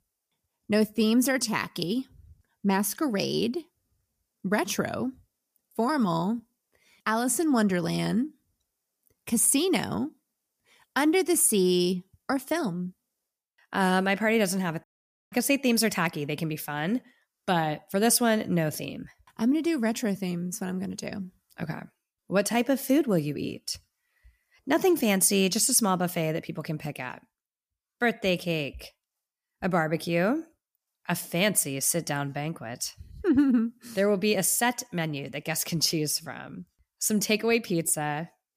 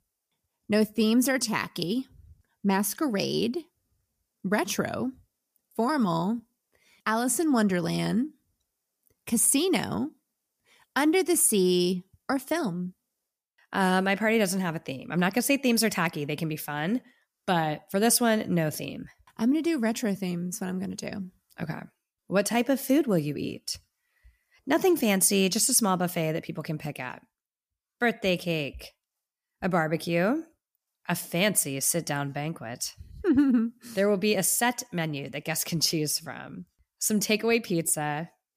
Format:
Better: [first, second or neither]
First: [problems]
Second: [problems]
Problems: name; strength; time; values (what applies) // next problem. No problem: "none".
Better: second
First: audio cutting out; at 15 s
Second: none